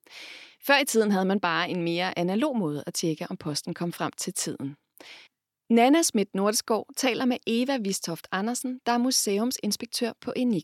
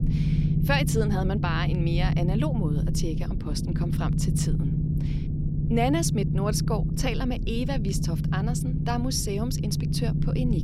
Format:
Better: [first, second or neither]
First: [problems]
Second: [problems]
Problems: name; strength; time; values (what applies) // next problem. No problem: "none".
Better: first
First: none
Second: low rumble; loud; throughout; 5 dB below the speech